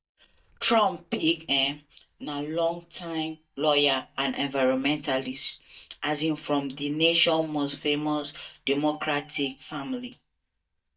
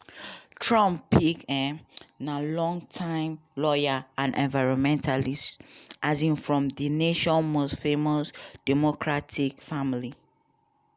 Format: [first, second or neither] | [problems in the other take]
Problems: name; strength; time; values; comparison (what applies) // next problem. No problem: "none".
second | noise reduction (neural mask model DeepFilterNet 3)